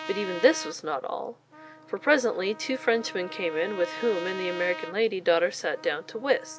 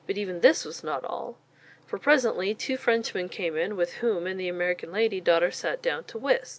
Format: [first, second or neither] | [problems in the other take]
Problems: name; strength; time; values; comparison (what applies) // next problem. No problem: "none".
second | background sound (Trumpet); 14 dB below the speech